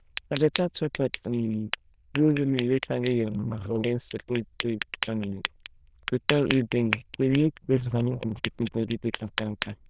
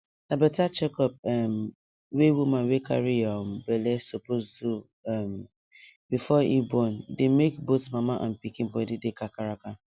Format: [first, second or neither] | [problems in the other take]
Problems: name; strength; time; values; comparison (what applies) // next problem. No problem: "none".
second | noise reduction (neural diffusion model UNIVERSE++)